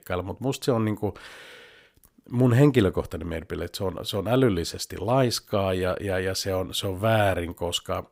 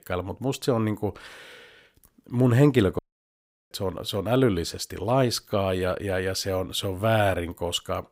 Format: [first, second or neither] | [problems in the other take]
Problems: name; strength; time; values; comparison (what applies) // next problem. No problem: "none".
first | audio cutting out; at 3 s for 0.5 s